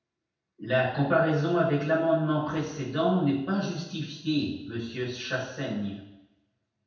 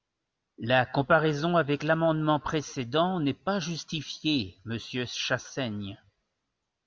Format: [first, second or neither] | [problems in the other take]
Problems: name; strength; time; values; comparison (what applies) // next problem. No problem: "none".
second | room echo; dies away in 0.8 s